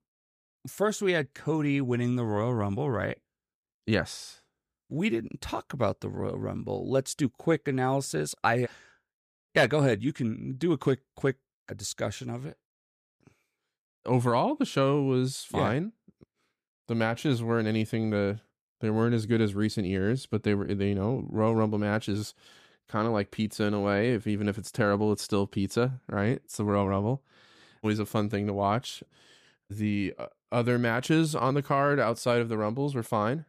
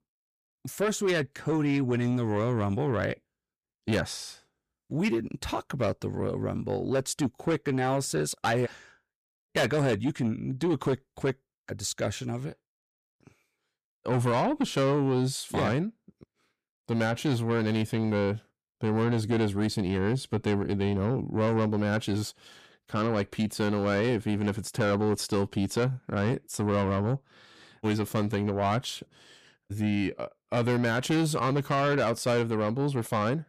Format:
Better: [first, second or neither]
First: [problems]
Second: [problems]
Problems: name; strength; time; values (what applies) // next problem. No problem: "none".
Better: first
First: none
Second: distortion; slight; 10 dB below the speech